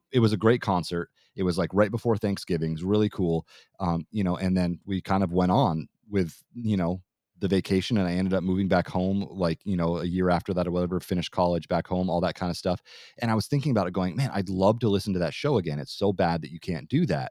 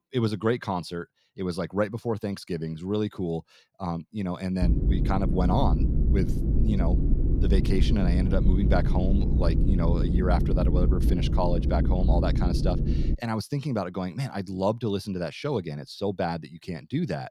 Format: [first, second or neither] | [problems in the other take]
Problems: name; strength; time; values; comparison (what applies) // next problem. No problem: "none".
first | low rumble; loud; from 4.5 to 13 s; 5 dB below the speech